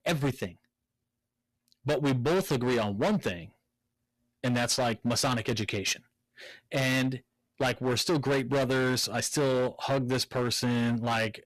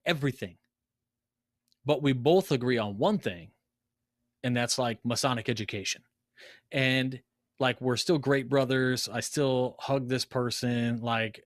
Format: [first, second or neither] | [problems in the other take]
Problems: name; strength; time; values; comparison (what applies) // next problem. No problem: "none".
second | distortion; heavy; 13% of the sound clipped